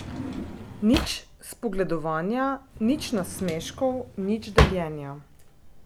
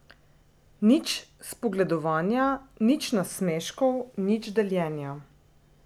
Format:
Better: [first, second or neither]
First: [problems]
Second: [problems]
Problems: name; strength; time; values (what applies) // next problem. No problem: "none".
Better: second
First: background sound (Drawer open or close); 3 dB below the speech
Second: none